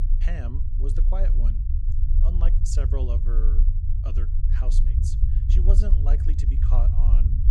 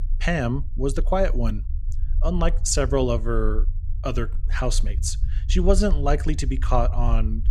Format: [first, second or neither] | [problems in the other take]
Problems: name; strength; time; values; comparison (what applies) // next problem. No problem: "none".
second | low rumble; loud; throughout; 2 dB below the speech; faint in the second